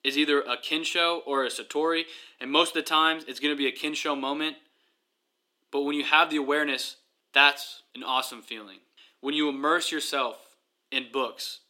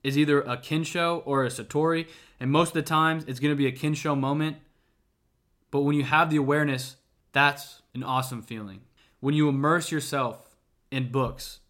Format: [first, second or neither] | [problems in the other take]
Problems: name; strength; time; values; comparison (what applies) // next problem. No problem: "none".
second | thin; very slightly; fading below 300 Hz